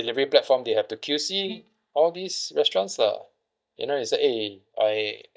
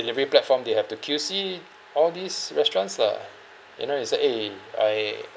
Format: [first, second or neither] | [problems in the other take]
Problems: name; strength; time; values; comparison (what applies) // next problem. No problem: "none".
second | noise reduction (neural mask model DeepFilterNet 3)